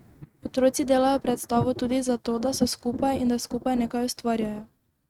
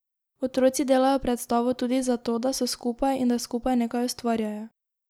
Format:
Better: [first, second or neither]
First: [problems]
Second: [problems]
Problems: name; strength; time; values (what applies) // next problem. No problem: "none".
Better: second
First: noise reduction (neural mask model RNNoise)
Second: none